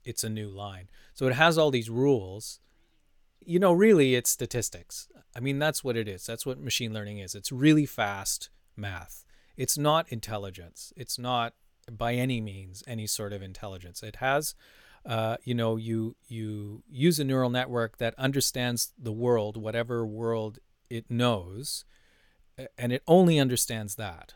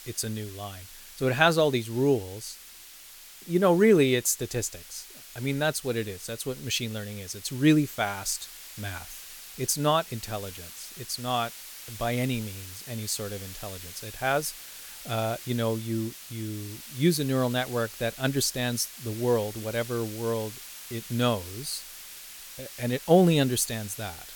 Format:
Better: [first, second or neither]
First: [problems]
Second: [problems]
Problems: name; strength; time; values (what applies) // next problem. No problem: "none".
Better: first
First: none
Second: hiss; noticeable; throughout; 15 dB below the speech